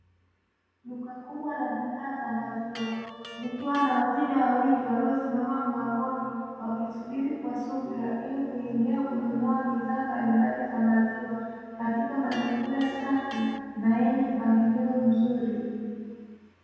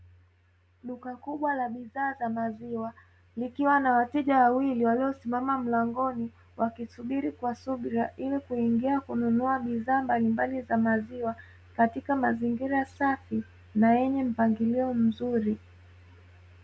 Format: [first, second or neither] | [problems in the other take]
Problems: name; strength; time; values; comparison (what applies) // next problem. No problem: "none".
second | background sound (Electric guitar); 18 dB below the speech // room echo; dies away in 2.1 s